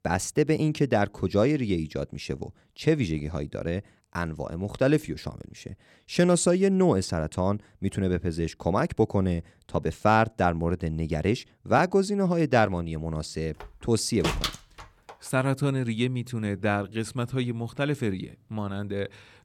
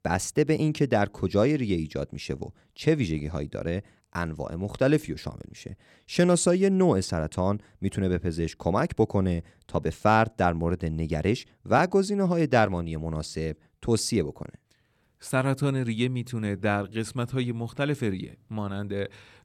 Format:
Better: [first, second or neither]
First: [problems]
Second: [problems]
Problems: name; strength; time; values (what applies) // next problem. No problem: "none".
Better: second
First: door banging; noticeable; from 14 to 15 s; peak 2 dB below the speech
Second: none